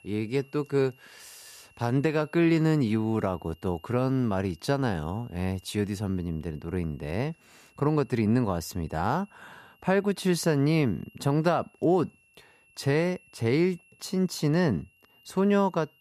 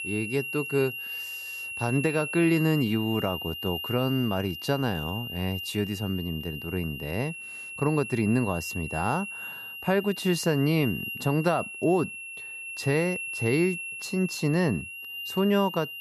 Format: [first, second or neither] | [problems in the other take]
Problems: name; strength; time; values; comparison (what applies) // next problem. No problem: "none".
first | high-pitched whine; loud; throughout; 2.5 kHz, 7 dB below the speech; faint in the first